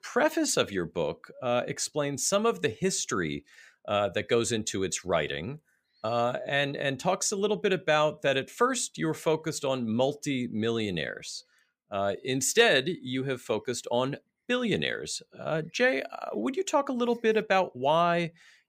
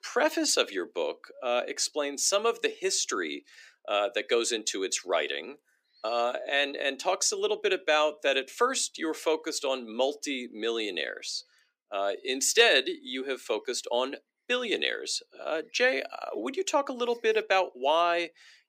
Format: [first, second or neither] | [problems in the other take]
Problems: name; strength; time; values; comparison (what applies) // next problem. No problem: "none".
first | thin; somewhat; fading below 300 Hz